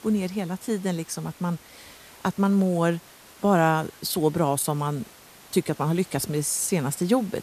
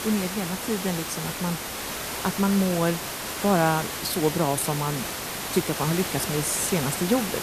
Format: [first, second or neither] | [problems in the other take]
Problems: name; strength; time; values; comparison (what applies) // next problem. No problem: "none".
first | hiss; loud; throughout; 4 dB below the speech; faint in the first